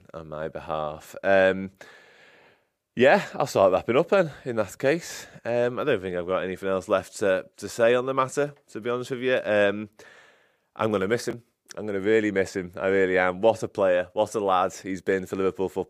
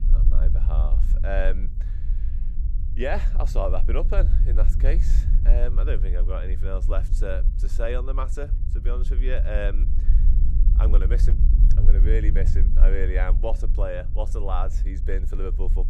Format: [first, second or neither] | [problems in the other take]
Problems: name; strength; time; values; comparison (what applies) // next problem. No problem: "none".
first | low rumble; noticeable; throughout; 10 dB below the speech